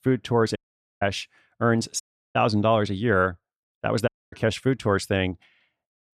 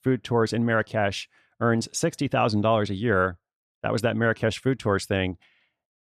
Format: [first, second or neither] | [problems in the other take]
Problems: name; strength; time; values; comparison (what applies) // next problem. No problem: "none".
second | audio cutting out; at 0.5 s, at 2 s and at 4 s